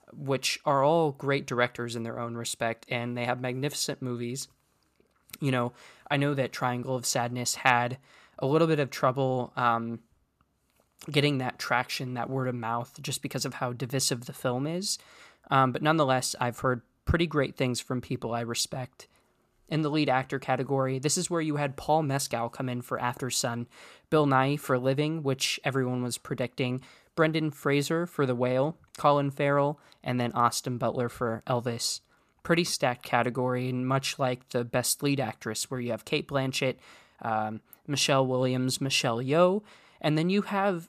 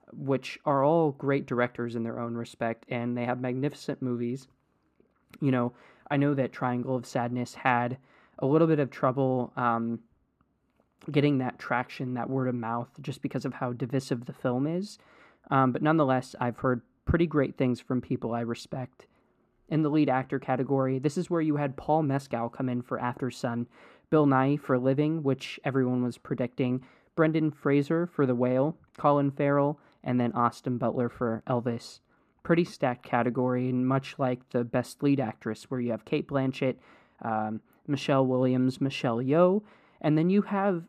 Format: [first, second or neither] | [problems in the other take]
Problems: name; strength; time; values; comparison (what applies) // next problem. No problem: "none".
first | muffled; slightly; fading above 3.5 kHz